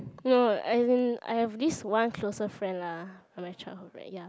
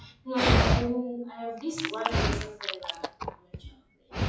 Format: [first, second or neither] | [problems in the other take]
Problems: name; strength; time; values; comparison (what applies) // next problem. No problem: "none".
first | noise reduction (classical method WPE with log-MMSE)